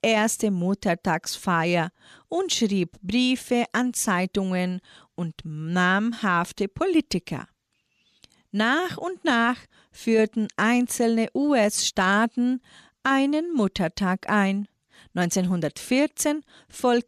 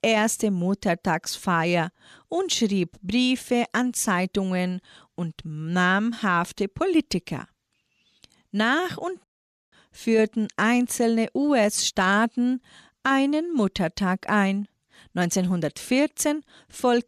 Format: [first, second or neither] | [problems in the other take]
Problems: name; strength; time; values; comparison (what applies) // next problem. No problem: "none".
first | audio cutting out; at 9 s